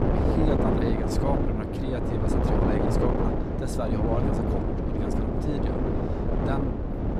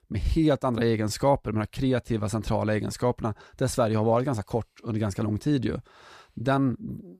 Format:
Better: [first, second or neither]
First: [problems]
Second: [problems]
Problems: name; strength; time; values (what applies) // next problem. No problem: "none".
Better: second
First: wind noise on the microphone; heavy; 5 dB above the speech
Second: none